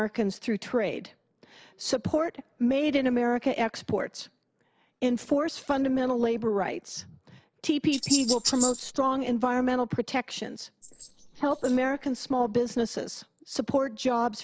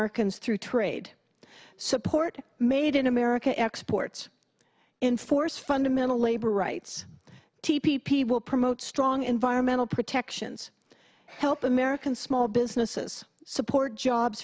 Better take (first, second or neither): second